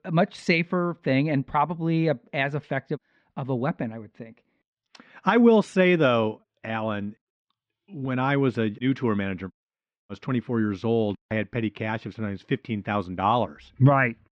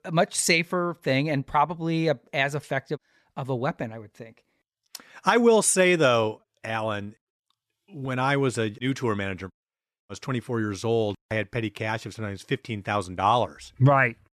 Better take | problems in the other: second | muffled; slightly; fading above 3.5 kHz

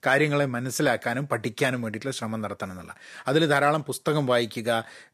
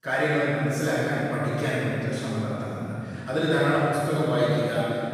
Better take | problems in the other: first | off-mic speech; far // room echo; strong; dies away in 3 s

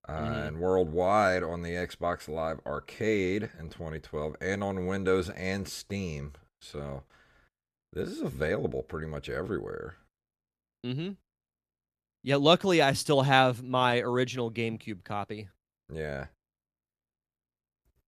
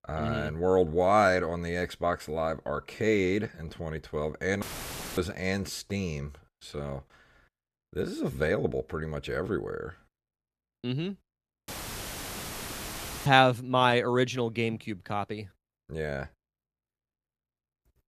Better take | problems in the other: first | audio cutting out; filled with static; at 4.5 s for 0.5 s and at 12 s for 1.5 s

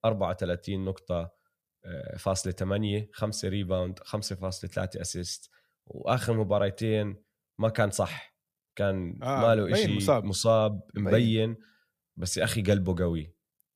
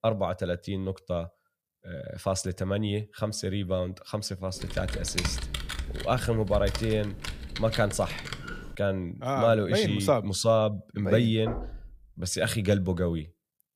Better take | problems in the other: first | keyboard typing; noticeable; from 4.5 to 9 s; peak 2 dB below the speech // door banging; noticeable; at 11 s; peak 9 dB below the speech

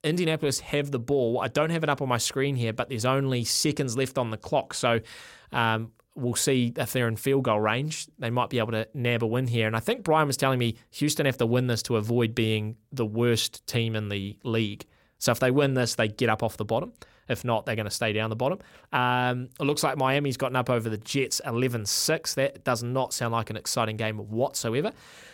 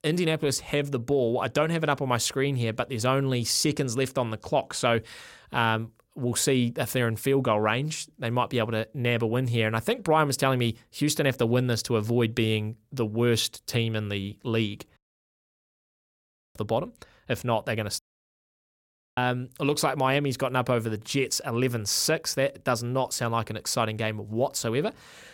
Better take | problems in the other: first | audio cutting out; at 15 s for 1.5 s and at 18 s for 1 s

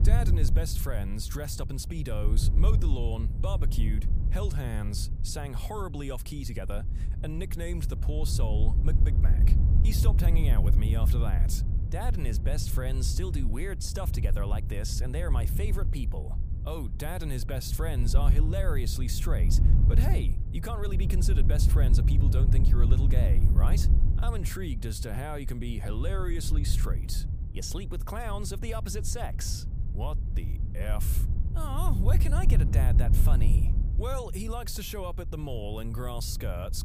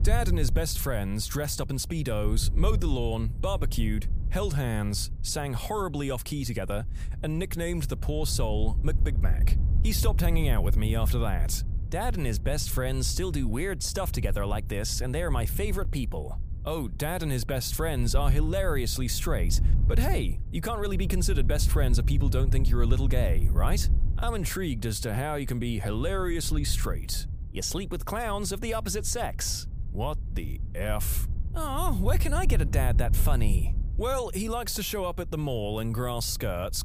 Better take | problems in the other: second | wind noise on the microphone; heavy; 6 dB below the speech; occasional gusts in the second

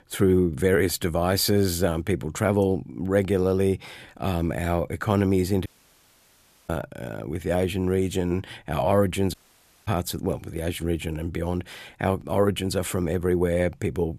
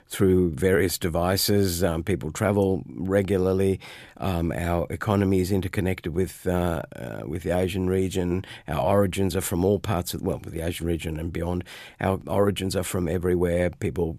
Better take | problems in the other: second | audio cutting out; at 5.5 s for 1 s and at 9.5 s for 0.5 s

